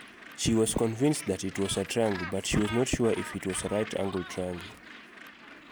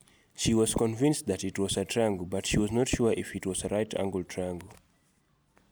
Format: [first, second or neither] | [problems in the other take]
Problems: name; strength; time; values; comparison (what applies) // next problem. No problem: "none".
second | background sound (Gull, seagull); 14 dB below the speech